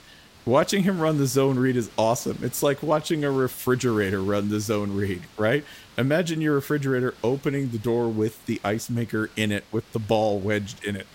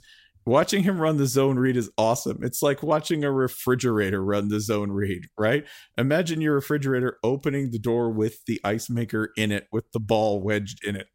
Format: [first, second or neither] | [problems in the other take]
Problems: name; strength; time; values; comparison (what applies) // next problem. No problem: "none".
second | hiss; faint; throughout; 25 dB below the speech